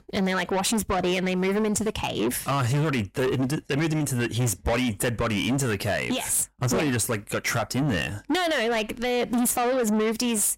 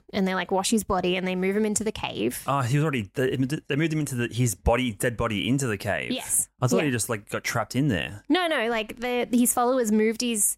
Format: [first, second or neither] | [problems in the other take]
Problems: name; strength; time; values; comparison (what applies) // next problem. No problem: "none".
second | distortion; heavy; 8 dB below the speech